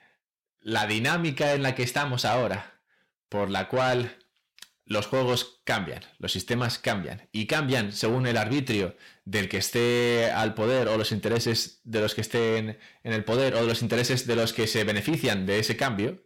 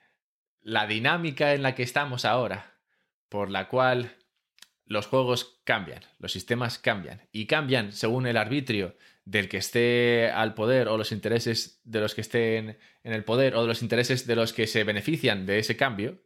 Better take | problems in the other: second | distortion; heavy; 8 dB below the speech

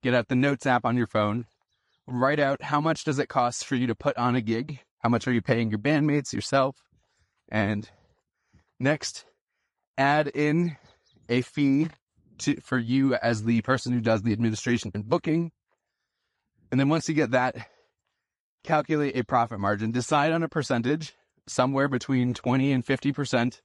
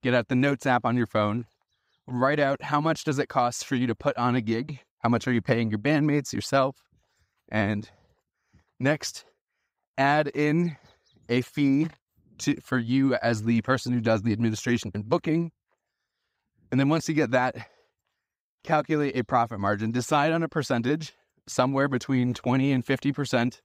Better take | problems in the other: second | garbled, watery; slightly; nothing above 11 kHz

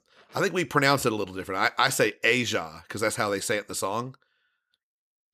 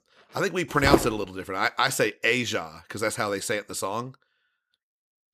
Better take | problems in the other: first | footsteps; loud; at 1 s; peak 2 dB above the speech

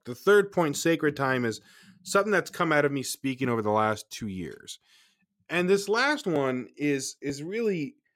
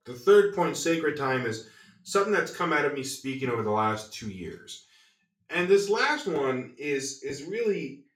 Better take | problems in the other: first | room echo; slight; dies away in 0.3 s // off-mic speech; far

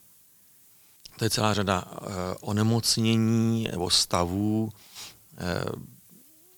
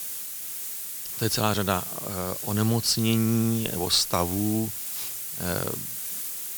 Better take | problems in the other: first | hiss; loud; throughout; 5 dB below the speech; faint in the first

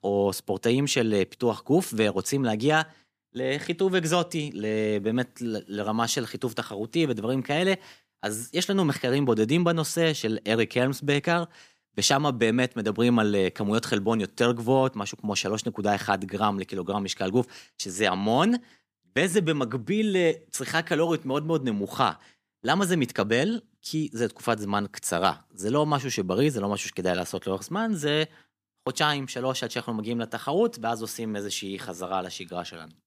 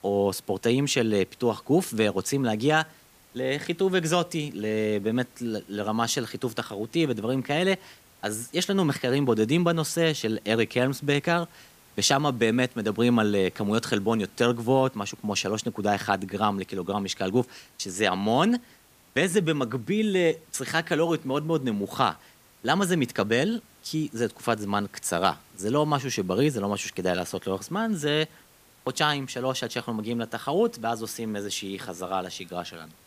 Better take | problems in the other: first | hiss; faint; throughout; 30 dB below the speech

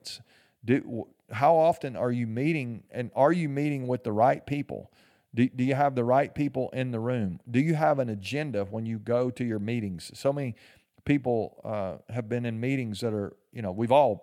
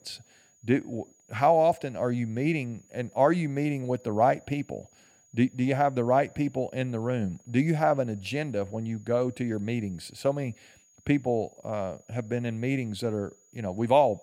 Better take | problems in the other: first | high-pitched whine; faint; throughout; 6.5 kHz, 30 dB below the speech

